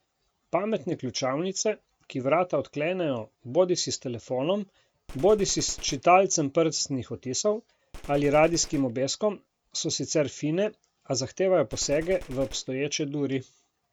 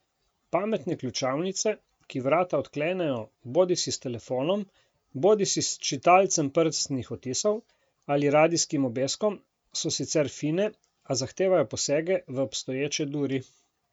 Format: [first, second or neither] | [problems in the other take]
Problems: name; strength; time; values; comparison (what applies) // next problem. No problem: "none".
second | background sound (Gunshot, gunfire); 17 dB below the speech